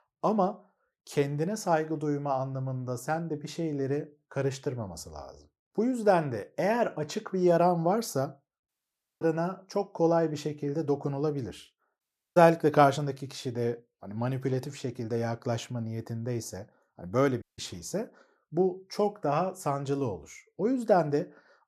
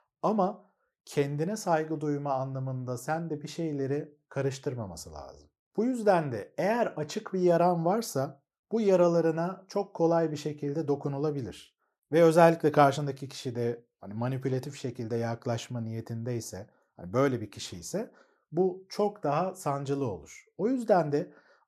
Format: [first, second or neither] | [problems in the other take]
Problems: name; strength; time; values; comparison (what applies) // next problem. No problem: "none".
second | audio cutting out; at 8.5 s for 0.5 s, at 12 s and at 17 s